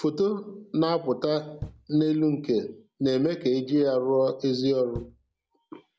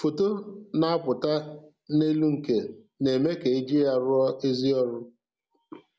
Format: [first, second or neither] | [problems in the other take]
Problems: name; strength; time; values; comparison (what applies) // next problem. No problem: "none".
second | background sound (Knock); 17 dB below the speech